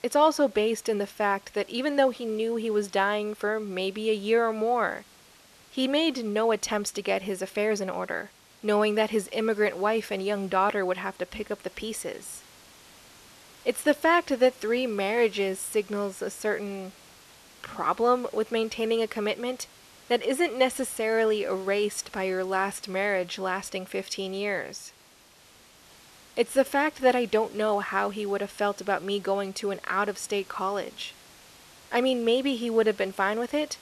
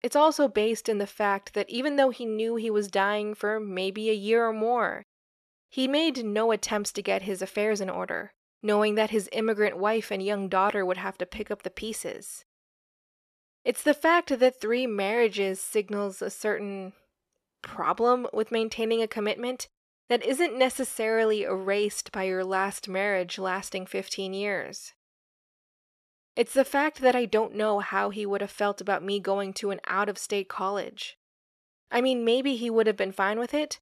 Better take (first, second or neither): second